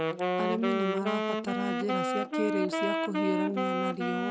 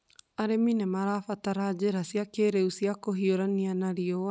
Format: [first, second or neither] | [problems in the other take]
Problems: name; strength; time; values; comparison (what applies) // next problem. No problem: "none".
second | background sound (Wind instrument, woodwind instrument); 4 dB above the speech